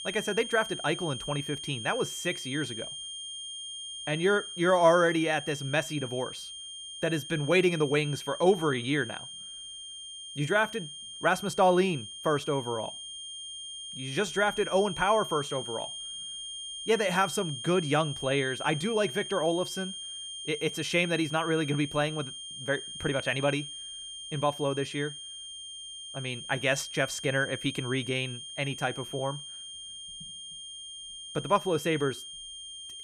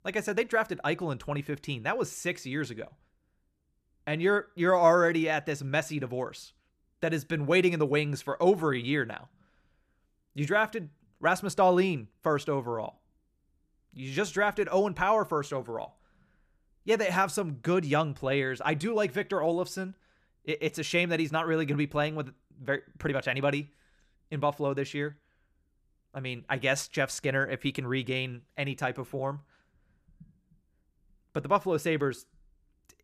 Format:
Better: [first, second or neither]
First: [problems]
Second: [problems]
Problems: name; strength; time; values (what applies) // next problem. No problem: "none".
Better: second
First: high-pitched whine; loud; throughout; 3 kHz, 9 dB below the speech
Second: none